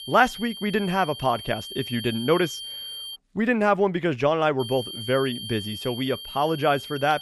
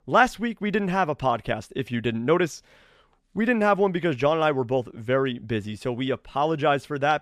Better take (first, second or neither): second